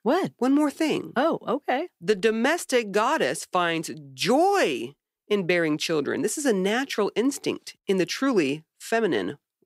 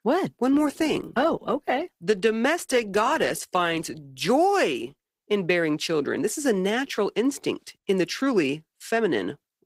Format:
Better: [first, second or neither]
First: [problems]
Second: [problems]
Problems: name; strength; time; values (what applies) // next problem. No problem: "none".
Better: first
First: none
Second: garbled, watery; slightly; nothing above 15.5 kHz